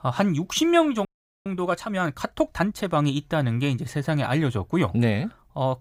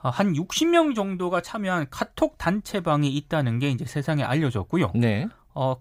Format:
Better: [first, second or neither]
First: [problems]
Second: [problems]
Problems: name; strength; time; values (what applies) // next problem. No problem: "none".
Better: second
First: audio freezing; at 1 s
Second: none